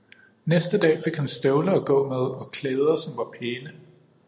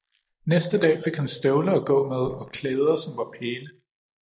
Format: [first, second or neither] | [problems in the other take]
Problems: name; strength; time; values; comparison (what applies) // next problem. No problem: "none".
first | noise reduction (neural mask model Resemble Enhance denoiser)